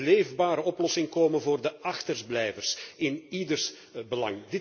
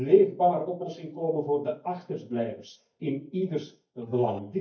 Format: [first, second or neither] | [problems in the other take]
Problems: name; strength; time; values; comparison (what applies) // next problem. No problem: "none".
first | noise reduction (neural mask model DeepFilterNet 3)